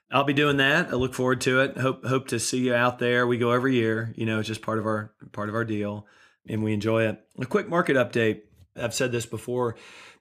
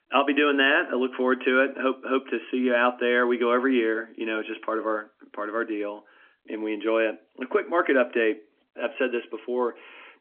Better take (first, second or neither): first